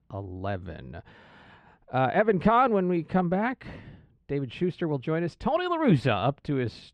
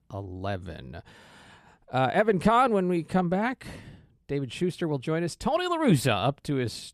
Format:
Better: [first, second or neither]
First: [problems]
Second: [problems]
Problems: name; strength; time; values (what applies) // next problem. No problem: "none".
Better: second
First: muffled; slightly; fading above 3 kHz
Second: none